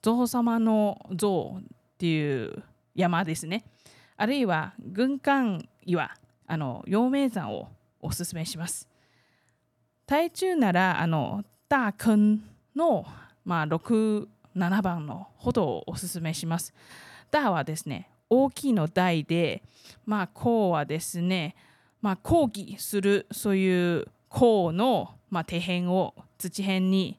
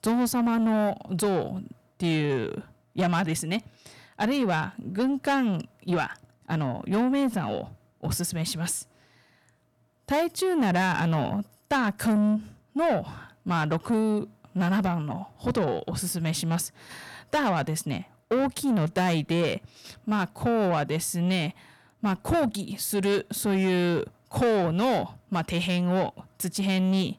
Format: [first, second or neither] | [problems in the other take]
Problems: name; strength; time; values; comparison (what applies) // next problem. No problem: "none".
first | distortion; slight; 10 dB below the speech